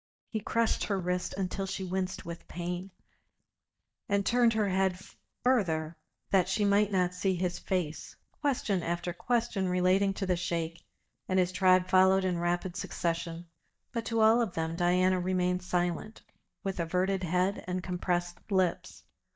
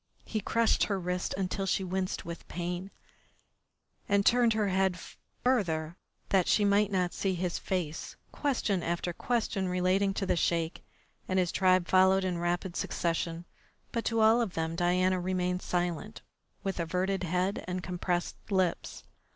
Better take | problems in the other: second | noise reduction (neural mask model DeepFilterNet 3)

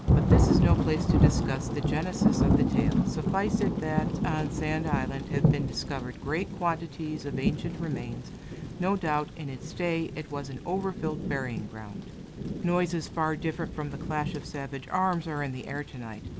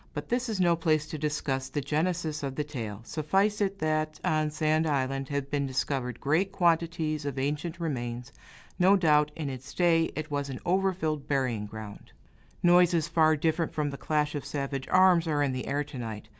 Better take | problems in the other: second | background sound (Thunder / Rain); 3 dB above the speech

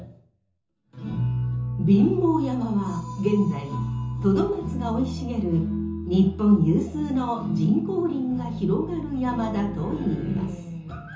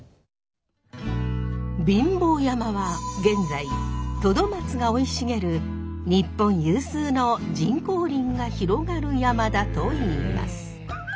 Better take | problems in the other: second | room echo; dies away in 0.6 s

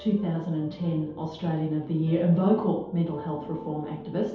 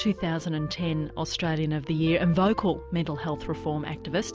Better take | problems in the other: second | room echo; dies away in 0.8 s

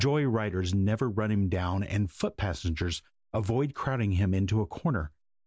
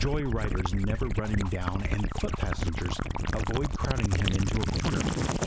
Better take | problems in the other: first | background sound (Gurgling / Liquid); 3 dB above the speech

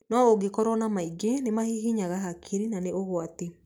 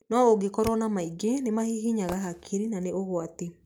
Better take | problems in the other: first | background sound (Fireworks); 19 dB below the speech

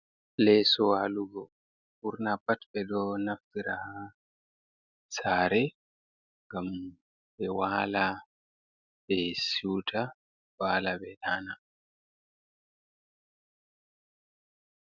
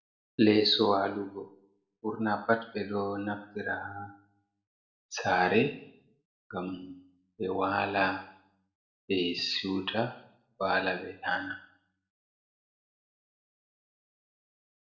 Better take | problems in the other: first | room echo; dies away in 0.5 s

